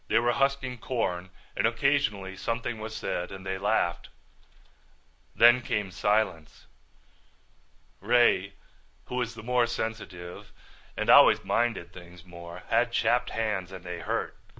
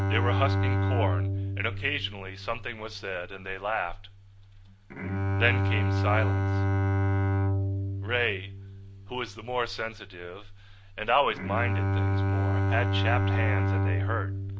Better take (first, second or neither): first